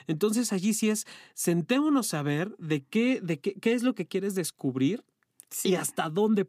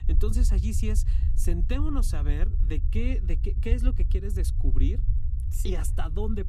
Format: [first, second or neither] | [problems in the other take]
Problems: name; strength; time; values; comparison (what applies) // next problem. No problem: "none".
first | low rumble; loud; throughout; 9 dB below the speech